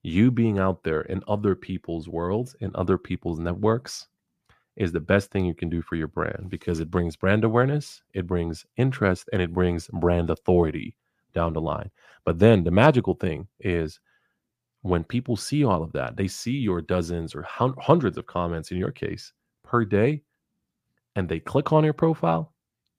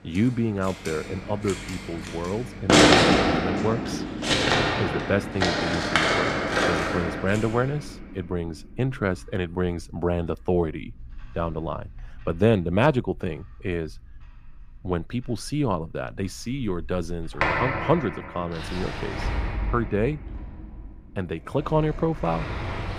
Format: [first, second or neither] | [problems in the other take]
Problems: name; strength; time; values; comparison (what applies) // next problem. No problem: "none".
first | household noises; very loud; throughout; 3 dB above the speech